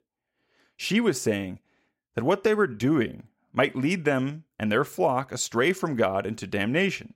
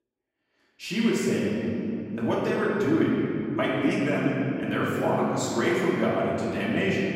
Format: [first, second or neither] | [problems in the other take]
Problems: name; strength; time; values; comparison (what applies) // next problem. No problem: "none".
first | off-mic speech; far // room echo; strong; dies away in 3 s